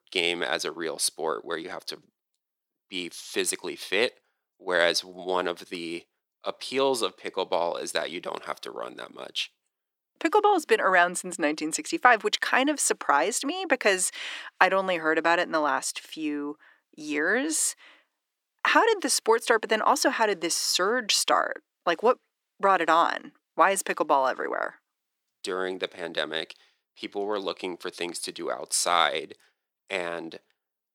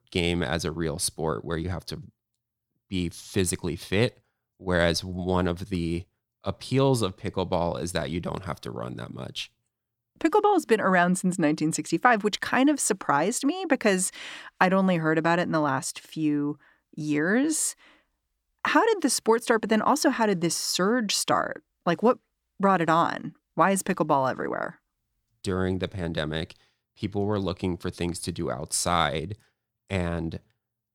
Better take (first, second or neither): second